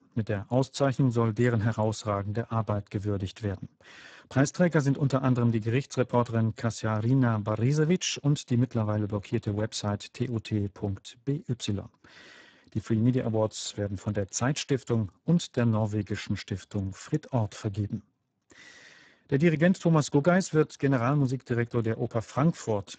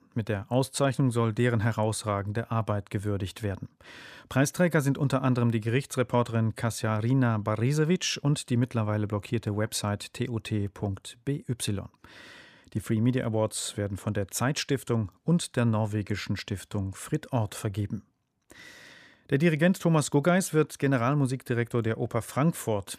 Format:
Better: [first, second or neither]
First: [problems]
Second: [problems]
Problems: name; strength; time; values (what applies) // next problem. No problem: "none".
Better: second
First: garbled, watery; badly; nothing above 7.5 kHz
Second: none